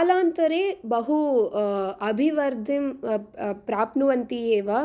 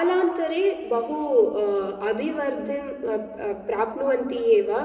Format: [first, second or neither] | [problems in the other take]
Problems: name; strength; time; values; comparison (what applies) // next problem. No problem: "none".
first | room echo; dies away in 2.3 s